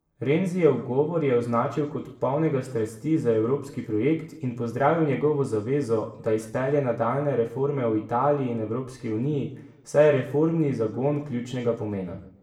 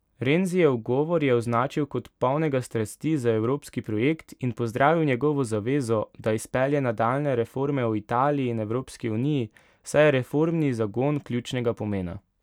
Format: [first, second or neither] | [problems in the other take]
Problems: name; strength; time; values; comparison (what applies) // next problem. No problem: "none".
second | room echo; dies away in 0.6 s